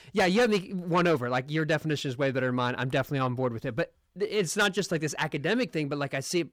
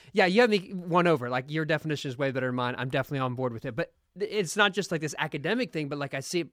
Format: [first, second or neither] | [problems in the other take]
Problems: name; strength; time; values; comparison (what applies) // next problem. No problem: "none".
second | distortion; slight; 10 dB below the speech